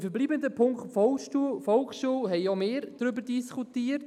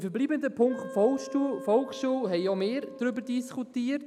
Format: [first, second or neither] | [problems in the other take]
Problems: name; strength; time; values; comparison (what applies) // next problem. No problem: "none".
first | background sound (Wind instrument, woodwind instrument); 15 dB below the speech